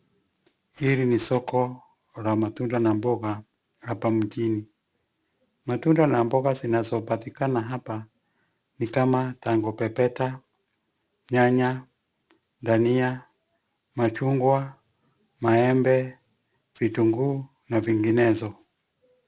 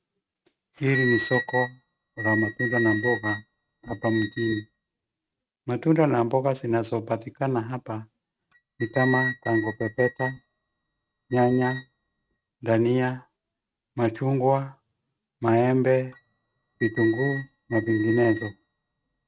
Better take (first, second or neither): first